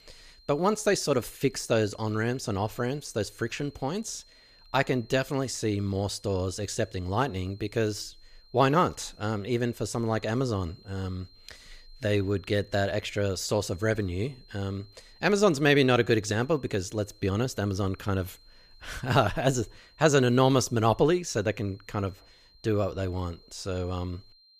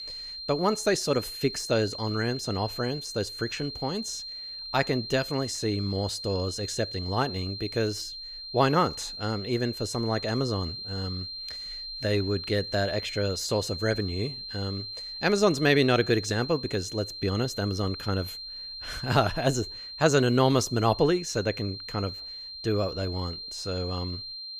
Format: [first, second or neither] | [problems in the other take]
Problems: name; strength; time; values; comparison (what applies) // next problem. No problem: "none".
first | high-pitched whine; loud; throughout; 4 kHz, 8 dB below the speech; faint in the first